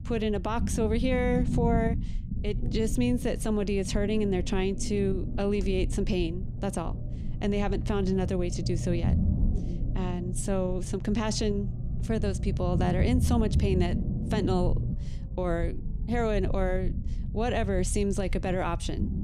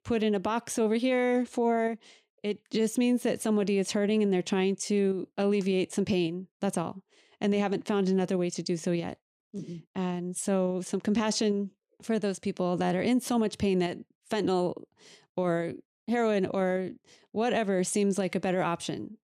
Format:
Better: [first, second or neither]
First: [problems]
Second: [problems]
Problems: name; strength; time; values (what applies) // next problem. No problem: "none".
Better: second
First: low rumble; noticeable; throughout; 10 dB below the speech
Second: none